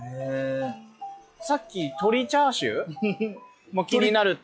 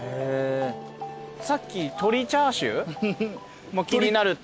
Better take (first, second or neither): second